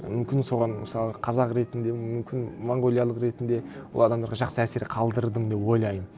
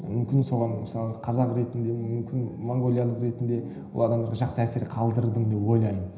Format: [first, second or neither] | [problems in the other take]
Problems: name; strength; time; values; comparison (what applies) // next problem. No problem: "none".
first | room echo; dies away in 0.9 s